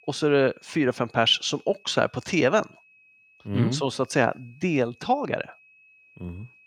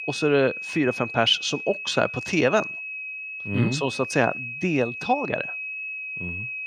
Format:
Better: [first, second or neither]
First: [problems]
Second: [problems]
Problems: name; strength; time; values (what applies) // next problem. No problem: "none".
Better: first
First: high-pitched whine; faint; throughout; 2.5 kHz, 30 dB below the speech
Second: high-pitched whine; loud; throughout; 2.5 kHz, 7 dB below the speech